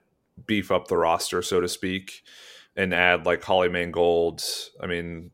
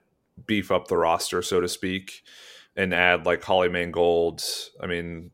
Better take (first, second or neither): neither